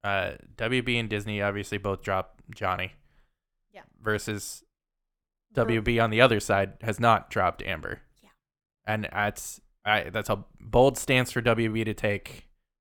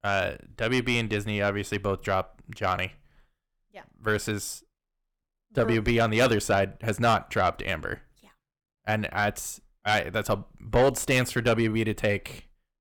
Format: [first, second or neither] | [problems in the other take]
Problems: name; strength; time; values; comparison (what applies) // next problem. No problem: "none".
first | distortion; slight; 10 dB below the speech